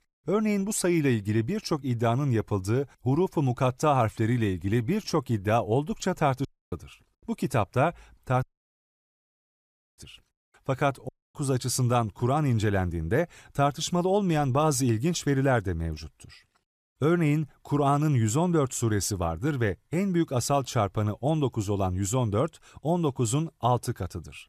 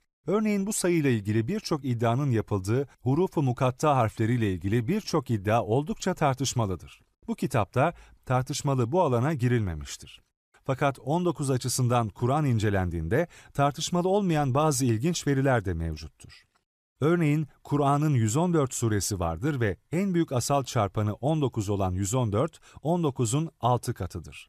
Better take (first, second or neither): second